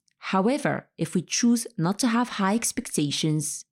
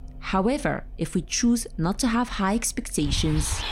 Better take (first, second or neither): first